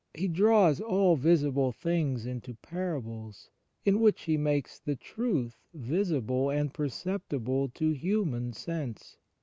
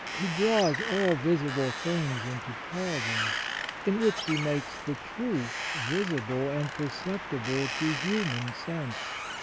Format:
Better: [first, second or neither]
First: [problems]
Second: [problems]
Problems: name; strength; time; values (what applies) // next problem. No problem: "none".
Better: first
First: none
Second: background sound (Wind); 5 dB below the speech